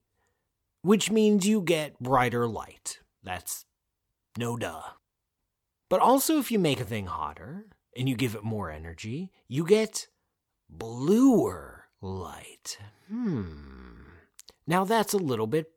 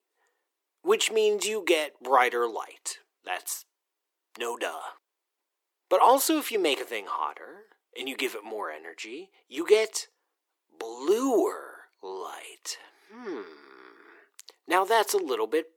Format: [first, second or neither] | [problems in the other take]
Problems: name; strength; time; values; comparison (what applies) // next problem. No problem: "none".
first | thin; very; fading below 350 Hz